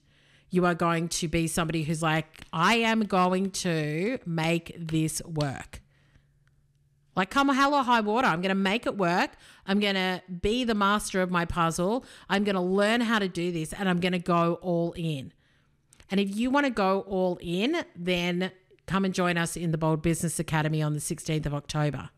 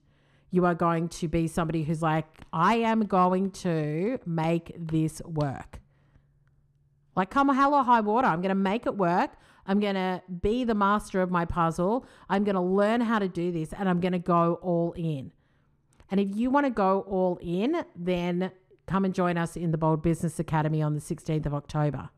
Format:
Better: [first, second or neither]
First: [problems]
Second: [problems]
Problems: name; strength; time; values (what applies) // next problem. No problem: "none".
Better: first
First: none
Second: muffled; slightly; fading above 1.5 kHz